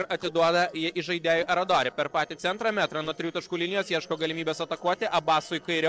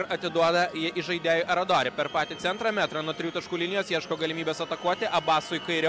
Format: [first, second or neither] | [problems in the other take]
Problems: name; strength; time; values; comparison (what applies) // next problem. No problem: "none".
second | noise reduction (neural separator model SepFormer DNS4)